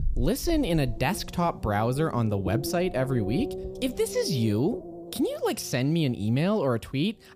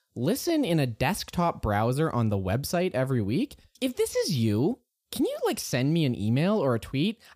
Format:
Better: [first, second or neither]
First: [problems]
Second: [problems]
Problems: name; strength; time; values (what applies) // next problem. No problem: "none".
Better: second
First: low rumble; noticeable; throughout; 10 dB below the speech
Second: none